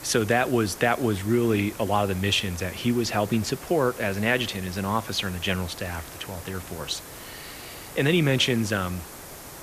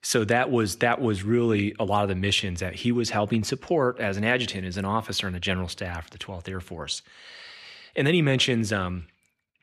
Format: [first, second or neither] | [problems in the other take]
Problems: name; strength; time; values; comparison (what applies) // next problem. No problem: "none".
second | hiss; noticeable; throughout; 15 dB below the speech